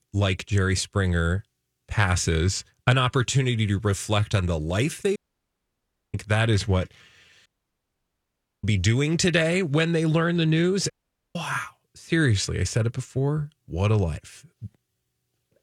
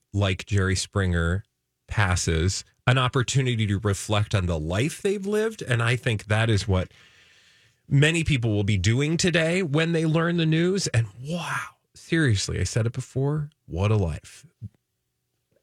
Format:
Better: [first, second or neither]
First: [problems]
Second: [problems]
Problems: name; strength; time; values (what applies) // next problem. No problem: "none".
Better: second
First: audio cutting out; at 5 s for 1 s, at 7.5 s for 1 s and at 11 s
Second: none